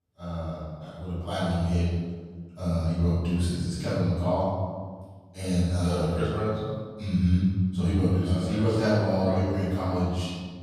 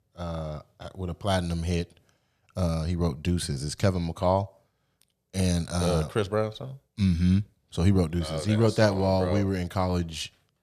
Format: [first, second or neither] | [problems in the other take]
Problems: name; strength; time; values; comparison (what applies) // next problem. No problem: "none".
second | room echo; strong; dies away in 1.6 s // off-mic speech; far